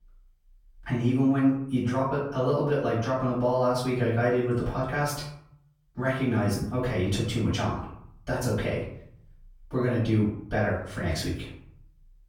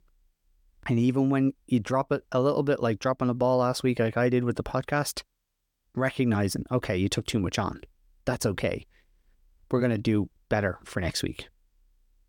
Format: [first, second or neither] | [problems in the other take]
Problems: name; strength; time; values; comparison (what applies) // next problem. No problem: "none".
second | off-mic speech; far // room echo; noticeable; dies away in 0.6 s